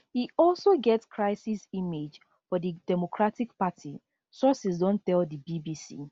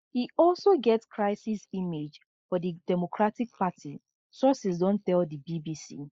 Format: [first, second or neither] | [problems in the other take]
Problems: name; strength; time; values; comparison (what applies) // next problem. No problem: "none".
first | noise reduction (neural mask model Resemble Enhance denoiser)